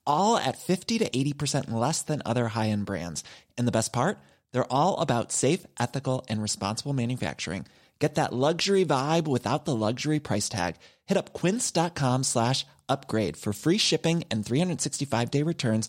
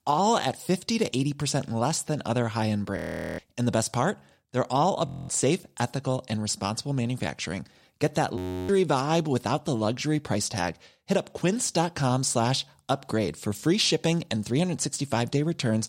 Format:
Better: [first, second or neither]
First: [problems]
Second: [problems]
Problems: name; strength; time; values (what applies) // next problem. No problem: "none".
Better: first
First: none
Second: audio freezing; at 3 s, at 5 s and at 8.5 s